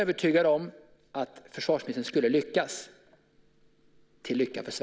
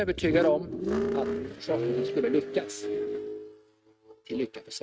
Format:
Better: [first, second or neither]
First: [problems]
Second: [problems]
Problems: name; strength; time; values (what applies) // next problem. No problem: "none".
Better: first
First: none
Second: noise reduction (neural mask model RNNoise)